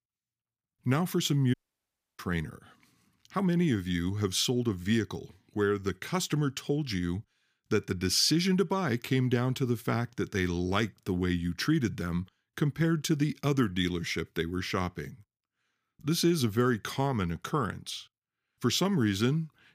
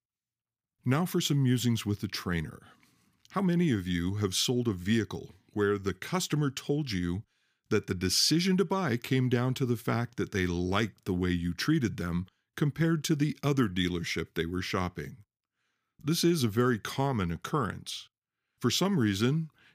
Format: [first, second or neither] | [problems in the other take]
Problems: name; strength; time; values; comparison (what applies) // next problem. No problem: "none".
second | audio cutting out; at 1.5 s for 0.5 s